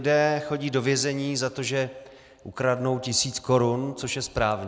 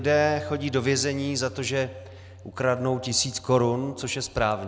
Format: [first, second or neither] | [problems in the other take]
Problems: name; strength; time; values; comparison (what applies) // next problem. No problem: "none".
first | background sound (Bass guitar); 18 dB below the speech